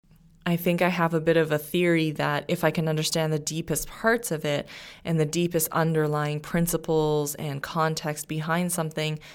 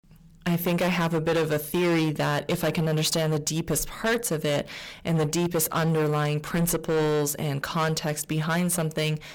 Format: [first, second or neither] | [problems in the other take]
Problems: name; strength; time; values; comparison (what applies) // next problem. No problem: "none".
first | distortion; heavy; 17% of the sound clipped